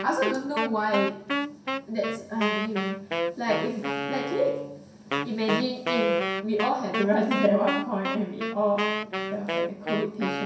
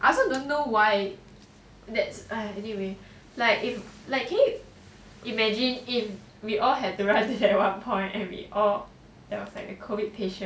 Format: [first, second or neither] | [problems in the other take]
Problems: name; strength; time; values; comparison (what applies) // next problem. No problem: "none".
second | background sound (Wind instrument, woodwind instrument); 2 dB below the speech // room echo; dies away in 0.7 s